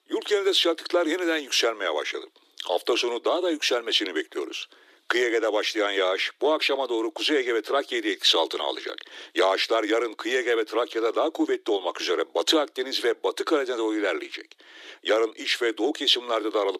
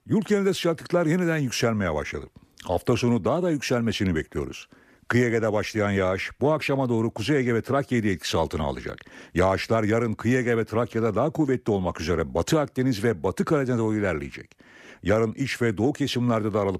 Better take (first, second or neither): second